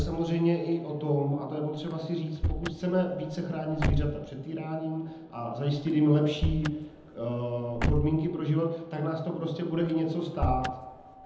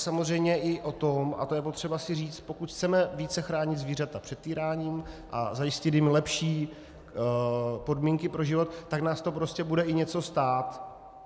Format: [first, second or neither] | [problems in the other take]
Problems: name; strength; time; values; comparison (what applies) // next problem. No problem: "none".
second | background sound (Slam / Car); 6 dB below the speech // room echo; dies away in 0.8 s